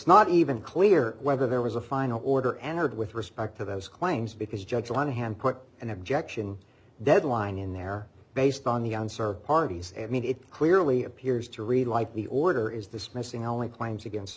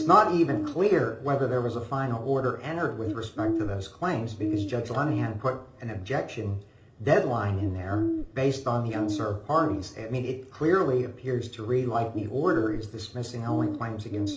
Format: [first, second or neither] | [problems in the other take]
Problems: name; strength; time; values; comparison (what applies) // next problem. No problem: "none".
first | background sound (Bird); 8 dB below the speech // room echo; dies away in 0.8 s